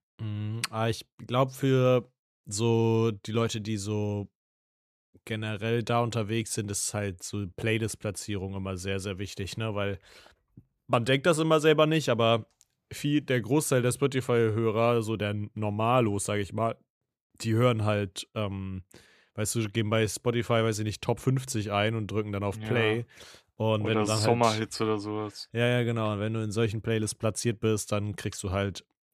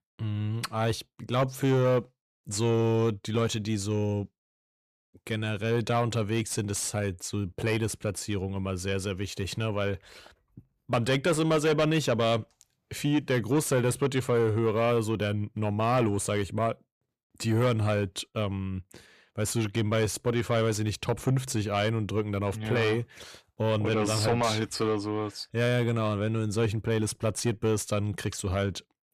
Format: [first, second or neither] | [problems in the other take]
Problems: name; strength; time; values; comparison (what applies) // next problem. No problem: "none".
first | distortion; slight; 10 dB below the speech